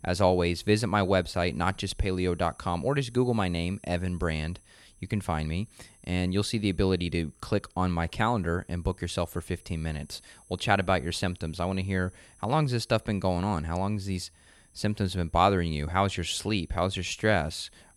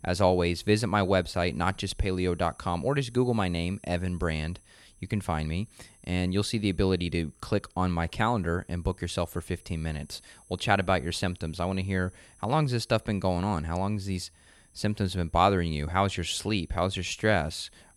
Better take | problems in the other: neither | high-pitched whine; faint; throughout; 10.5 kHz, 30 dB below the speech; the same in both

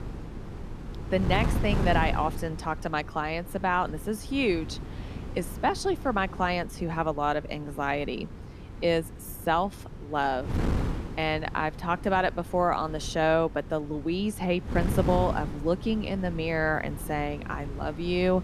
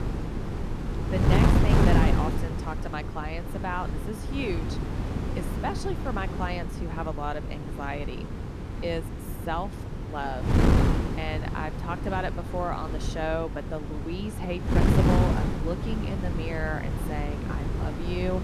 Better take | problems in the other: first | wind noise on the microphone; heavy; 1 dB below the speech; occasional gusts in the first

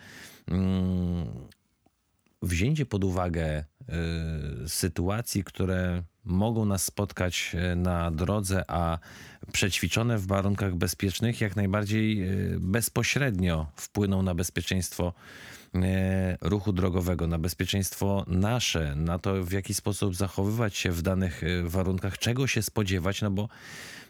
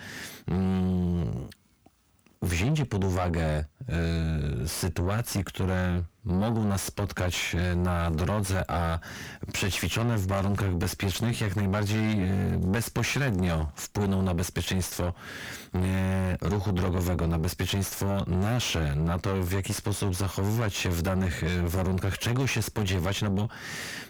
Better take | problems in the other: first | distortion; heavy; 7 dB below the speech

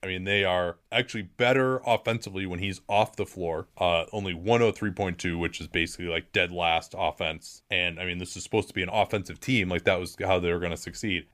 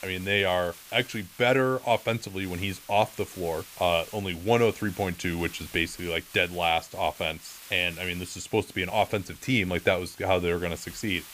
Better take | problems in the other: first | hiss; noticeable; throughout; 20 dB below the speech

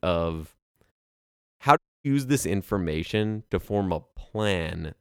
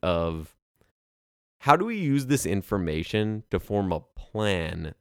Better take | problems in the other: second | audio cutting out; at 2 s

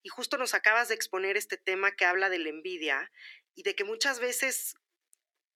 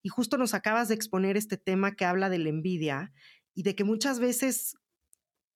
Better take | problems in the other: second | thin; very; fading below 350 Hz

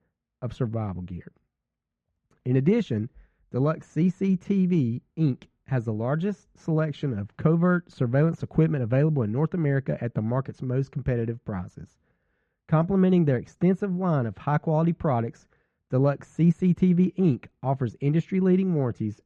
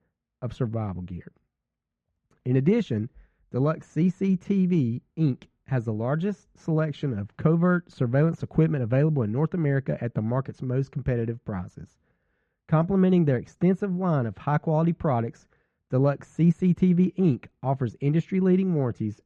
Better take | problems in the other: neither | muffled; very; fading above 2 kHz; the same in both

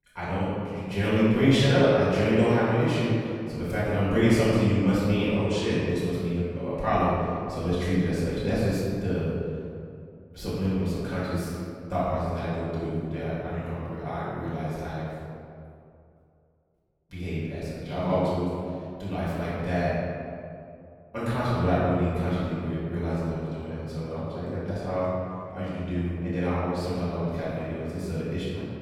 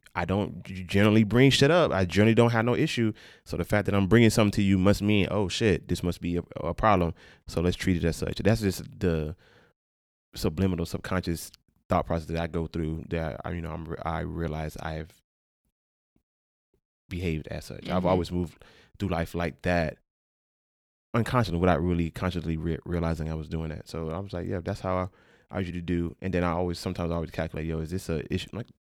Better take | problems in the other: second | off-mic speech; far // room echo; strong; dies away in 2.1 s

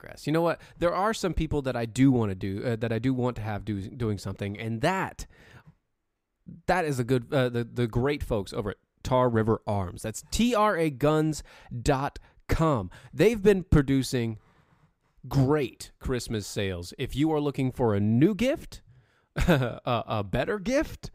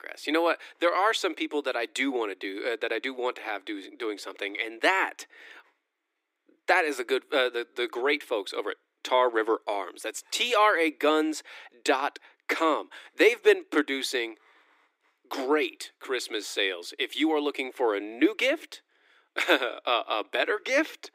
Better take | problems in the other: first | thin; very; fading below 300 Hz

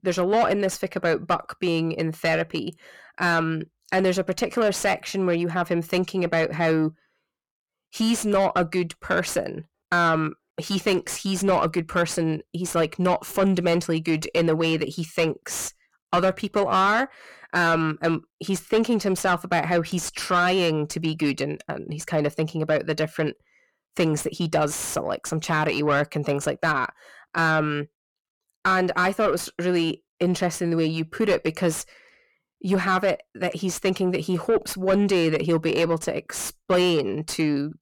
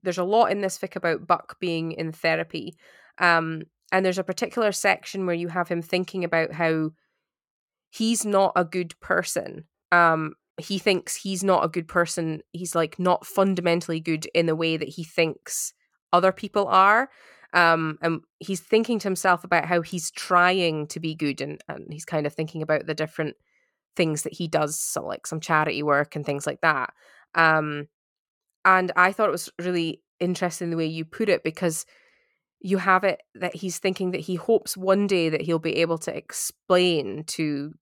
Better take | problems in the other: second | distortion; heavy; 7 dB below the speech

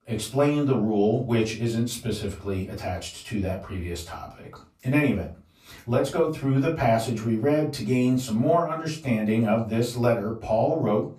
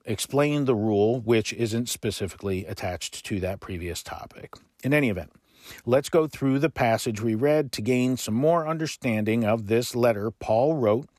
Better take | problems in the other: second | room echo; slight; dies away in 0.3 s // off-mic speech; far

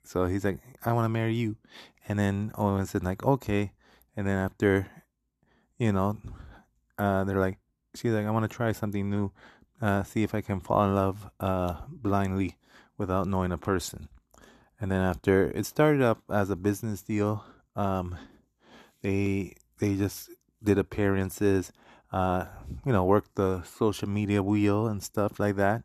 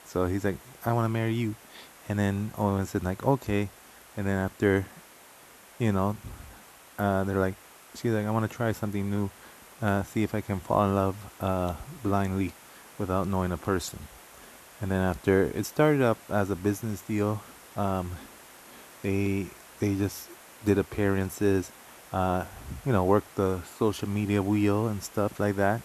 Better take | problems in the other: first | hiss; faint; throughout; 20 dB below the speech

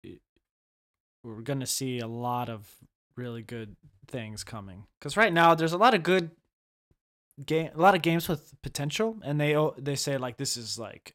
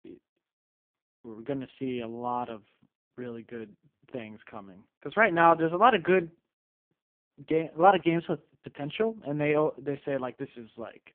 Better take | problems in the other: first | phone-call audio; poor line

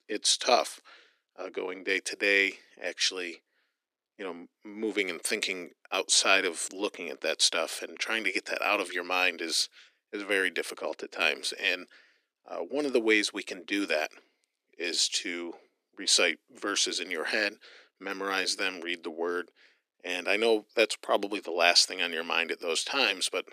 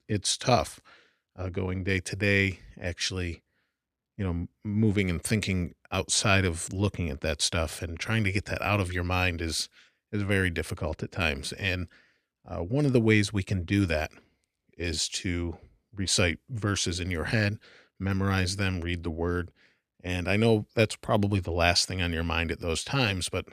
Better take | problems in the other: second | thin; very; fading below 300 Hz

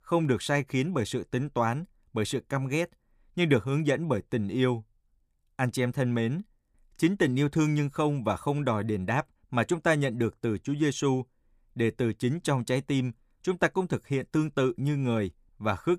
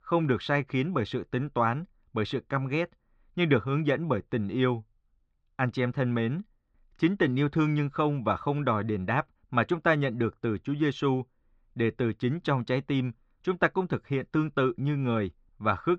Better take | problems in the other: first | muffled; slightly; fading above 4 kHz

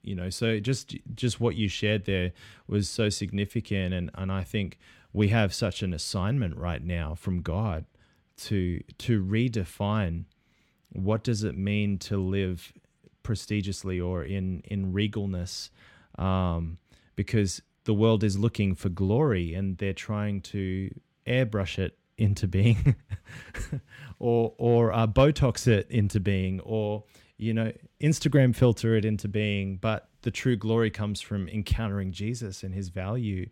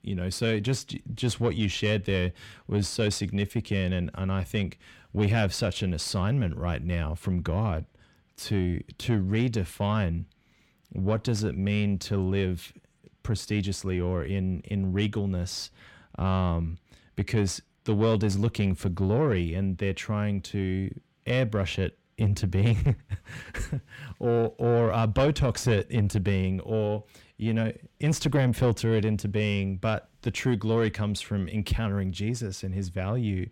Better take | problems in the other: first | distortion; slight; 10 dB below the speech

